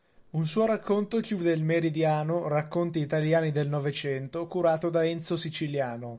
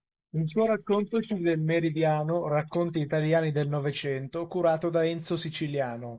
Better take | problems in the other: first | noise reduction (neural mask model Resemble Enhance denoiser)

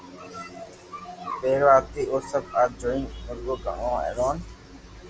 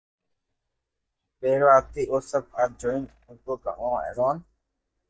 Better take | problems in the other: first | noise reduction (neural mask model DeepFilterNet 3)

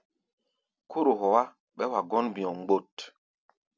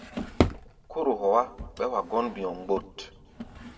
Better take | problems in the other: first | background sound (Drawer open or close); 4 dB below the speech // room echo; dies away in 1 s

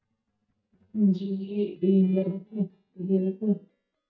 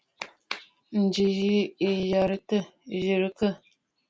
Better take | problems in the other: second | noise reduction (neural mask model DeepFilterNet 3)

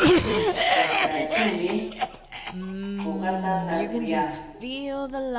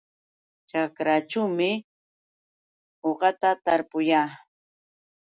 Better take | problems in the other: second | background sound (Cough); 5 dB above the speech // room echo; dies away in 0.8 s

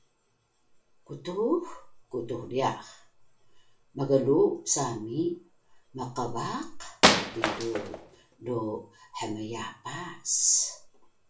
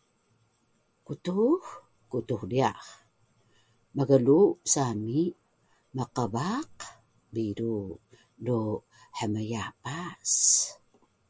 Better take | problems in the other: second | background sound (Wood); 4 dB above the speech // room echo; dies away in 0.3 s

